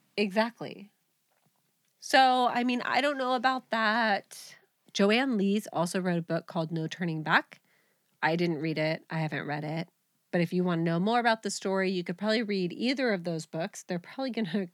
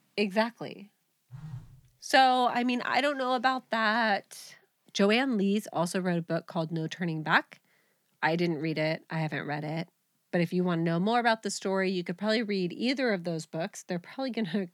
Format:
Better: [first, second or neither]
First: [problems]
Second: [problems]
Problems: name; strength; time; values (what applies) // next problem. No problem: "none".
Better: first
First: none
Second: phone ringing; faint; at 1.5 s; peak 15 dB below the speech